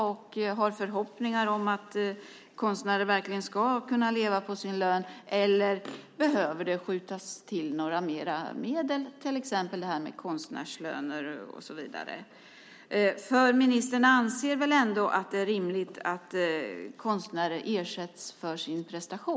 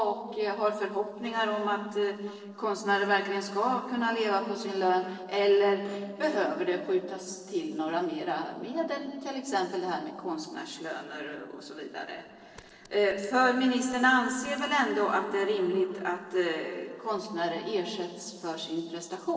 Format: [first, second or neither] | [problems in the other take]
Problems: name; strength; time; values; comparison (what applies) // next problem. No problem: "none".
first | noise reduction (neural separator model SepFormer DNS4)